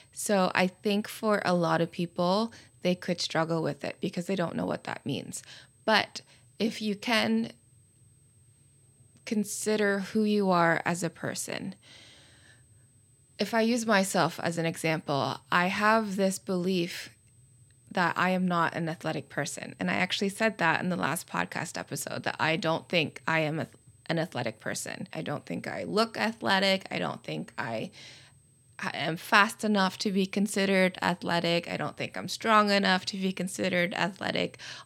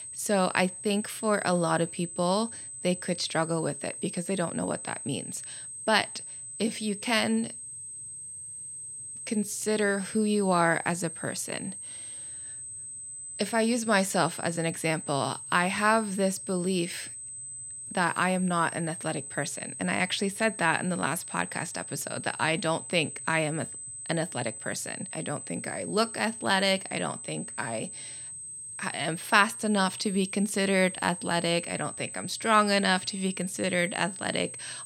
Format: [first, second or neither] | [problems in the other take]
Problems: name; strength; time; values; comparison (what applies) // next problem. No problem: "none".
first | high-pitched whine; loud; throughout; 8 kHz, 9 dB below the speech; faint in the first